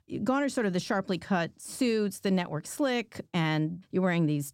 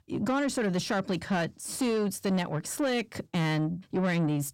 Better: first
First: none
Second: distortion; slight; 10 dB below the speech

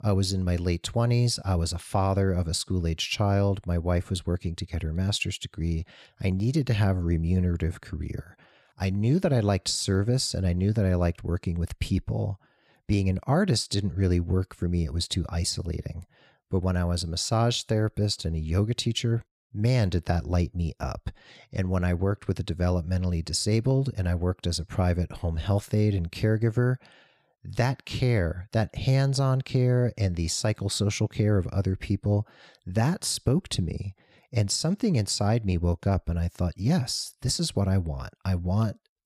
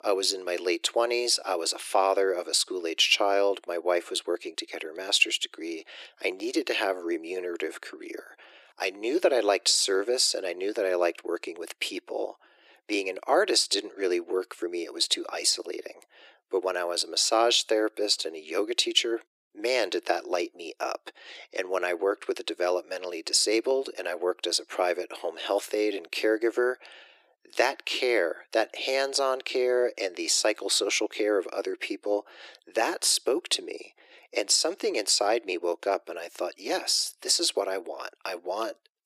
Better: first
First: none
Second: thin; very; fading below 350 Hz

